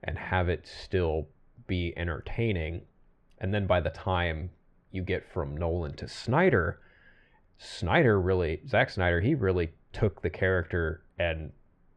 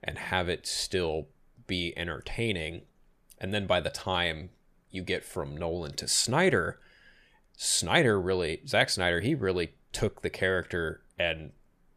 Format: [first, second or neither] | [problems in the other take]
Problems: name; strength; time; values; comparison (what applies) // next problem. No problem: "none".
second | muffled; very; fading above 2 kHz